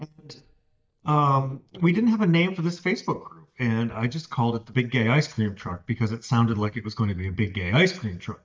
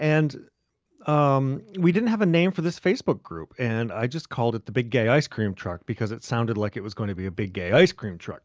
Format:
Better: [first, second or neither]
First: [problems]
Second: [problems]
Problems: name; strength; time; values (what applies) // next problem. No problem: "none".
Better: second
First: noise reduction (neural mask model DeepFilterNet 3)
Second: none